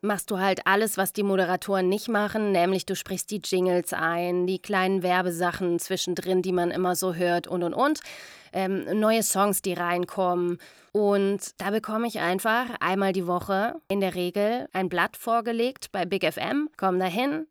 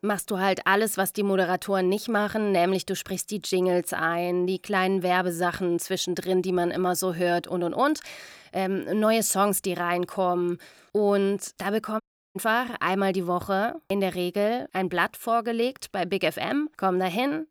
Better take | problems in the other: first | audio cutting out; at 12 s

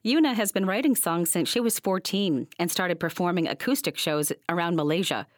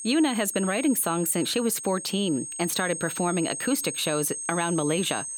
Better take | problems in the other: first | high-pitched whine; loud; throughout; 8.5 kHz, 6 dB below the speech

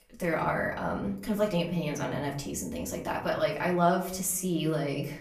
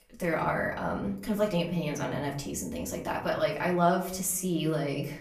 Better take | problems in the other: neither | off-mic speech; far; the same in both // room echo; slight; dies away in 0.5 s; the same in both

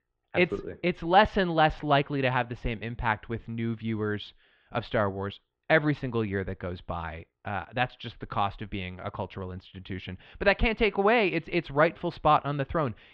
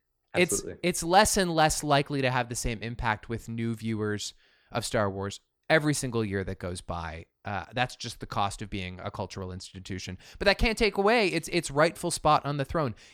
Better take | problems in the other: second | muffled; very; fading above 3.5 kHz

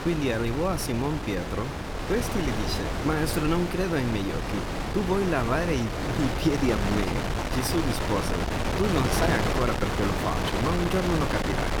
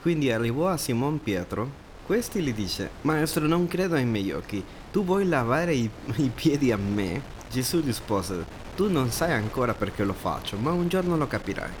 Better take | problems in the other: second | wind noise on the microphone; heavy; as loud as the speech; occasional gusts in the second

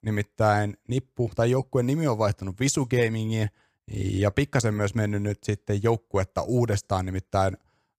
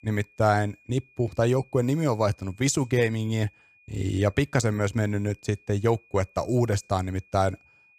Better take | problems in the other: first | high-pitched whine; faint; throughout; 2.5 kHz, 30 dB below the speech

